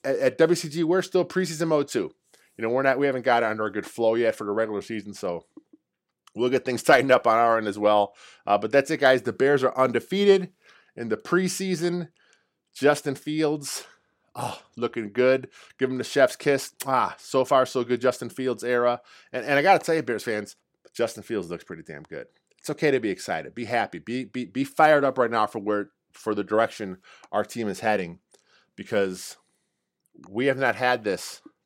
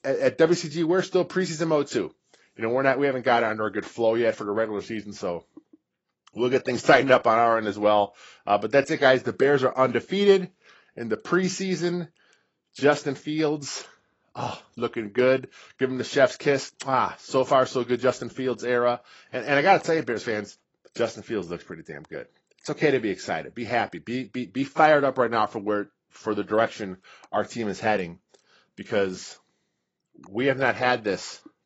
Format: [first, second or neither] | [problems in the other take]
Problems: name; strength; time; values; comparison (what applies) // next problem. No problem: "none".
first | garbled, watery; badly; nothing above 7.5 kHz